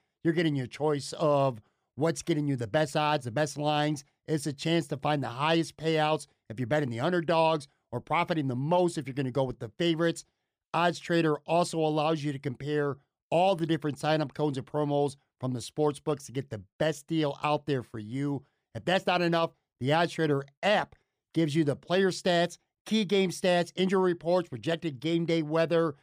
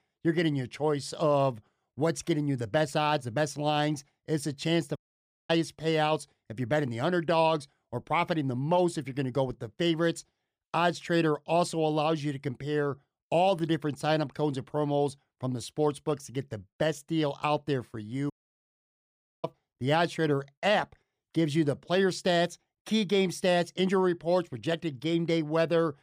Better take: first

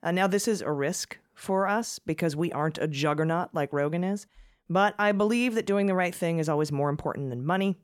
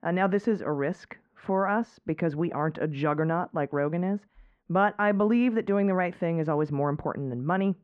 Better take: first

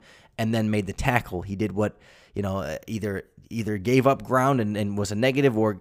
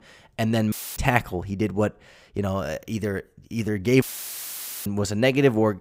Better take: first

